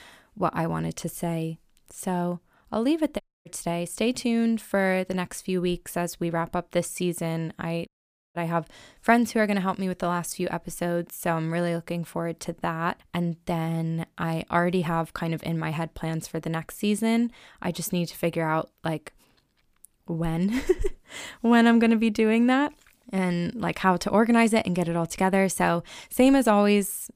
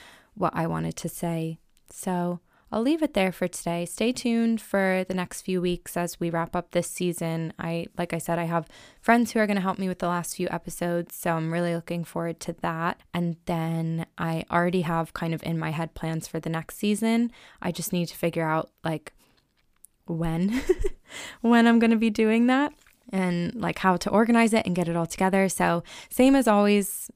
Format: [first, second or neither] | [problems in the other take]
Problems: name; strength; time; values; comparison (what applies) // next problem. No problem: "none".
second | audio cutting out; at 3 s and at 8 s